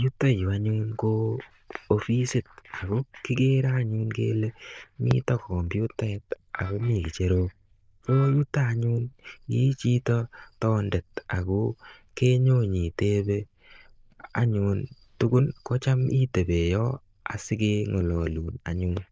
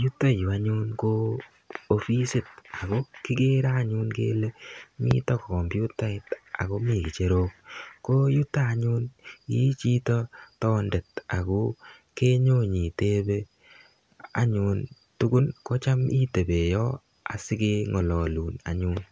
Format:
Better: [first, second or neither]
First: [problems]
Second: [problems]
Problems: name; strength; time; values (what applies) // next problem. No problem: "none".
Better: second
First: noise reduction (neural diffusion model UNIVERSE++)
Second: none